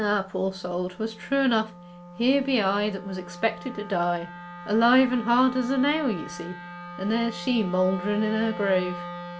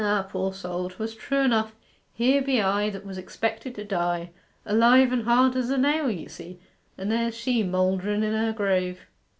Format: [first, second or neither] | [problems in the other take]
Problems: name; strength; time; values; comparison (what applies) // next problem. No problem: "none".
second | background sound (Wind instrument, woodwind instrument); 14 dB below the speech